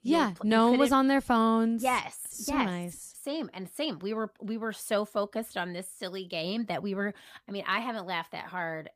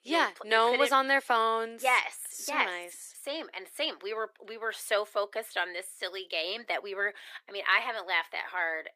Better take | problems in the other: first | thin; very; fading below 350 Hz

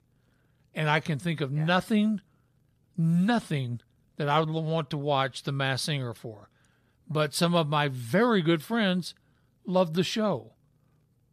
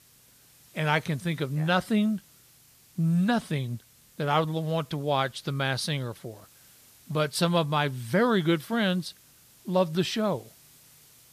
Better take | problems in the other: first | hiss; faint; throughout; 25 dB below the speech

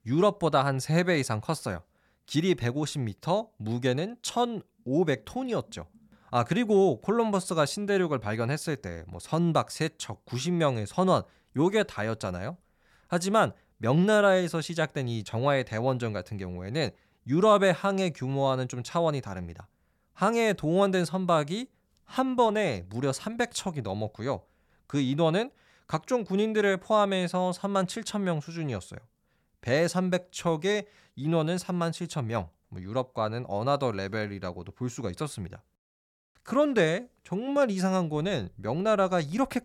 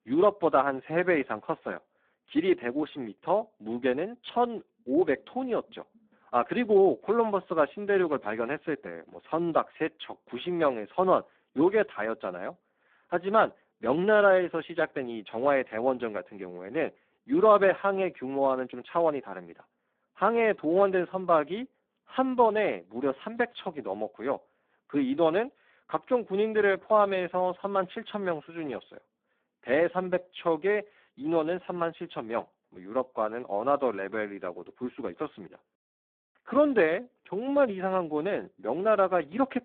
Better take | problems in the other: first | phone-call audio; poor line

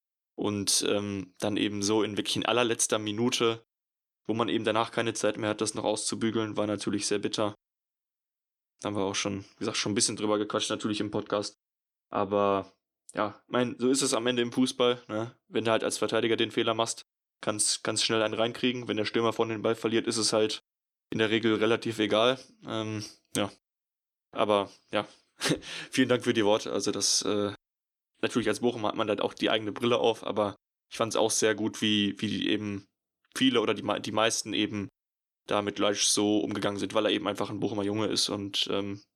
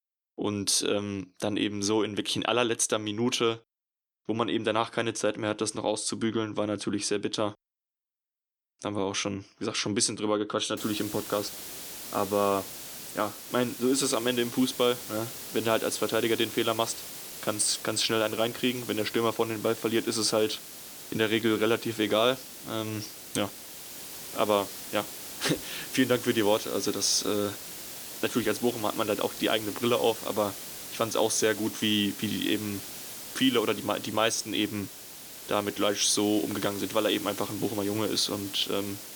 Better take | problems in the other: first | hiss; noticeable; from 11 s on; 10 dB below the speech

